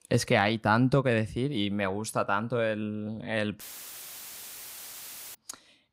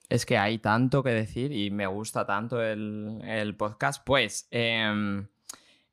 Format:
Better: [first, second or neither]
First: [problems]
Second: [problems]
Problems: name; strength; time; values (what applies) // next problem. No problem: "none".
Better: second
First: audio cutting out; filled with static; at 3.5 s for 1.5 s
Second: none